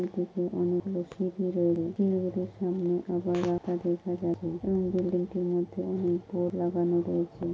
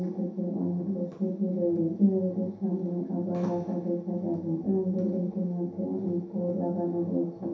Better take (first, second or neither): first